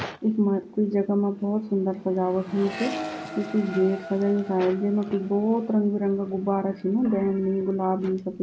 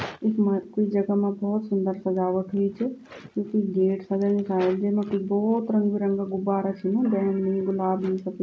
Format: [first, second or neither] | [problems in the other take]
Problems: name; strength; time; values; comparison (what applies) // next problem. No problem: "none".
second | background sound (Accelerating, revving, vroom); 16 dB below the speech